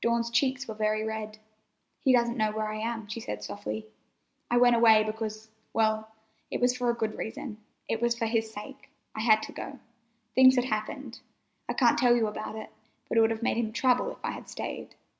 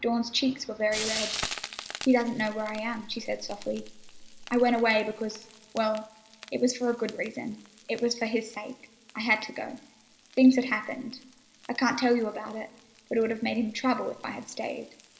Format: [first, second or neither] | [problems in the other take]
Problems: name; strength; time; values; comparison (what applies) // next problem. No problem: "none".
first | background sound (Frying (food)); 14 dB below the speech // room echo; dies away in 1 s